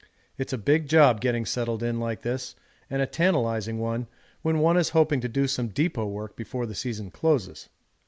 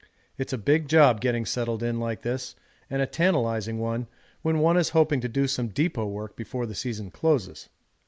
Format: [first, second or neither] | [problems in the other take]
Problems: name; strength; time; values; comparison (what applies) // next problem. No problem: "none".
first | noise reduction (neural mask model Resemble Enhance denoiser)